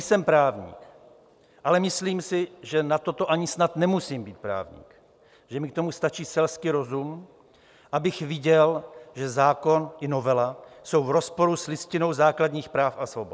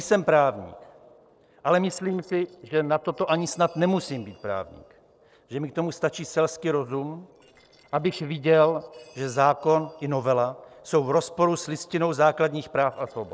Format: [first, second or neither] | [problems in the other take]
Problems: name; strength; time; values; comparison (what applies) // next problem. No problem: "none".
first | noise reduction (neural separator model SepFormer DNS4)